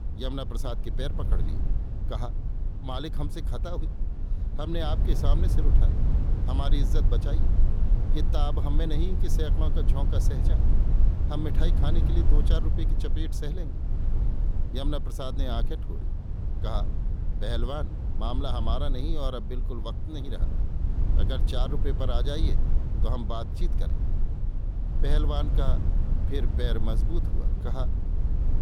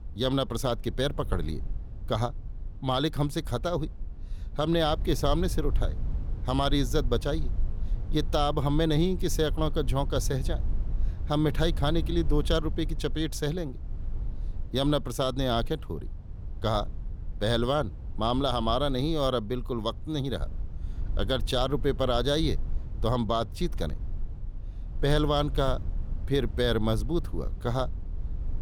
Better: second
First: low rumble; loud; throughout; 7 dB below the speech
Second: low rumble; faint; throughout; 25 dB below the speech

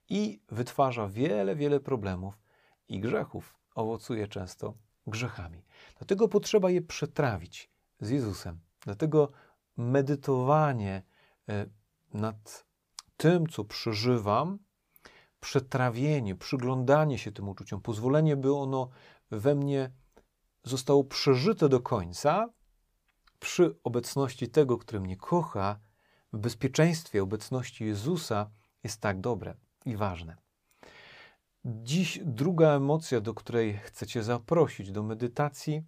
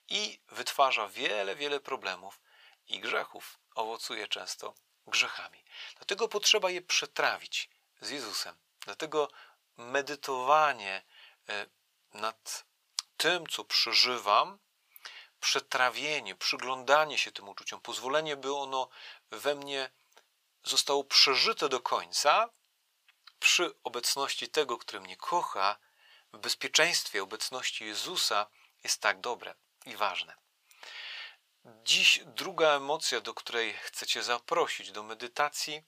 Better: first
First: none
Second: thin; very; fading below 950 Hz

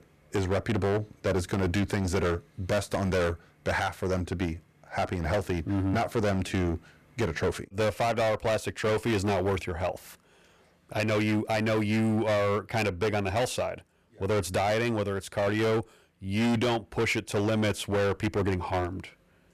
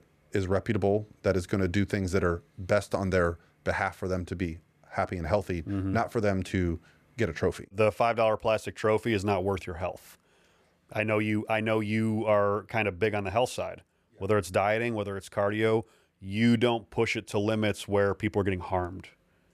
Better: second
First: distortion; heavy; 17% of the sound clipped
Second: none

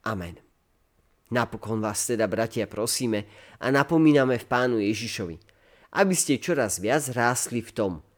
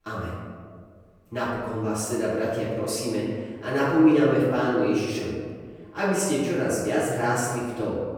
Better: first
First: none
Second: off-mic speech; far // room echo; strong; dies away in 1.6 s

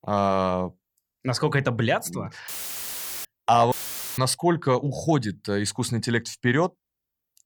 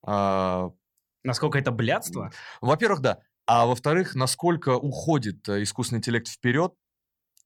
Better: second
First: audio cutting out; filled with static; at 2.5 s for 1 s and at 3.5 s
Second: none

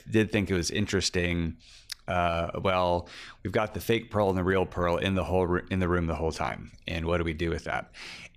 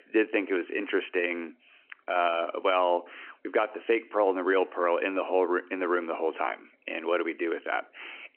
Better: first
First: none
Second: phone-call audio

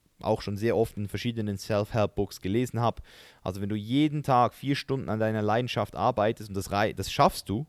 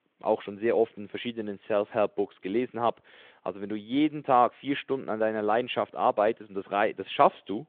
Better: first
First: none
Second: phone-call audio

